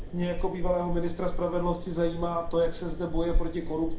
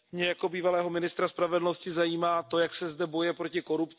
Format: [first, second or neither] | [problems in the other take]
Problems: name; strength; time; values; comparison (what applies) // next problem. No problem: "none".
second | background sound (Fire); 1 dB below the speech // room echo; dies away in 0.5 s